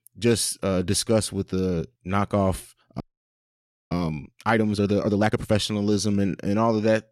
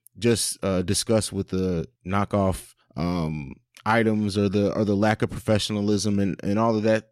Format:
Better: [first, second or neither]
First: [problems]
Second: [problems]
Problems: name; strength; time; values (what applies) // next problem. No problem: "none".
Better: second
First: audio freezing; at 3 s for 1 s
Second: none